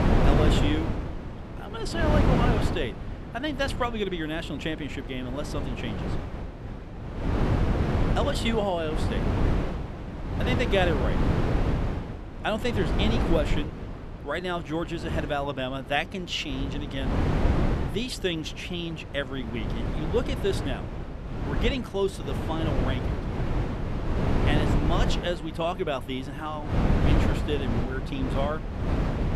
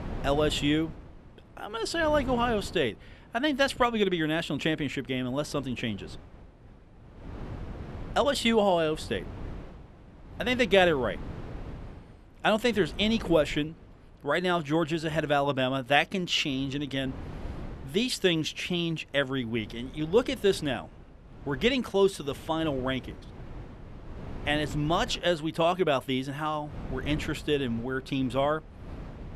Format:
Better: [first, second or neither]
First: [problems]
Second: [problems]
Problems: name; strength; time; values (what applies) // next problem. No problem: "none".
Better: second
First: wind noise on the microphone; heavy; 3 dB below the speech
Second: wind noise on the microphone; occasional gusts; 20 dB below the speech